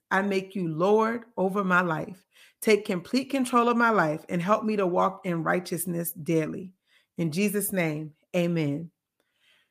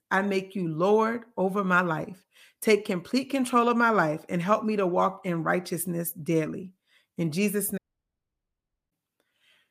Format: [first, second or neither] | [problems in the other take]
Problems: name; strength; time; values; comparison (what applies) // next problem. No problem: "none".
first | audio cutting out; at 8 s for 1 s